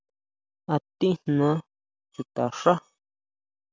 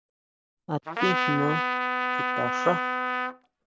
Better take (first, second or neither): first